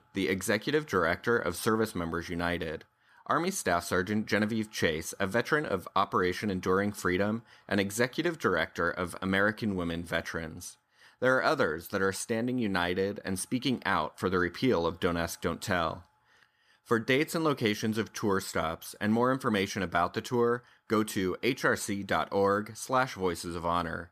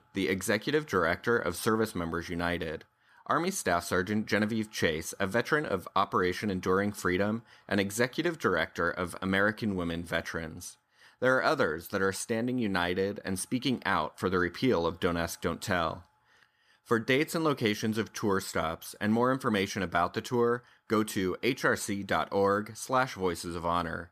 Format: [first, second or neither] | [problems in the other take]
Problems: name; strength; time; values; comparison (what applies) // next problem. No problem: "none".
neither | none